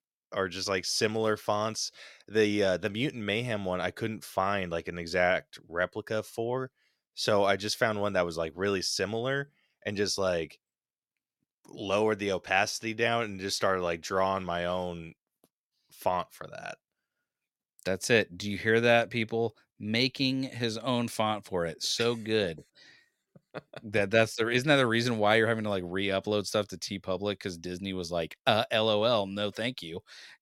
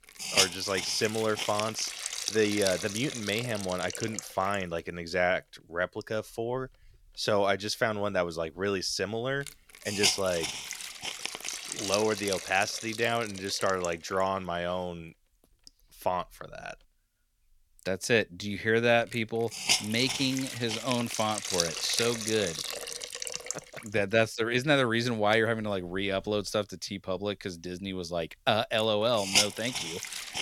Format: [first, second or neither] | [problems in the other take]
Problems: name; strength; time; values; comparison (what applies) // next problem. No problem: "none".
first | hiss; loud; throughout; 2 dB below the speech